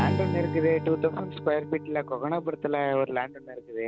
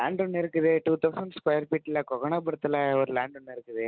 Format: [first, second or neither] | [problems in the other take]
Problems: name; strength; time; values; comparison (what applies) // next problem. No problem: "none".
second | background sound (Strum); 6 dB below the speech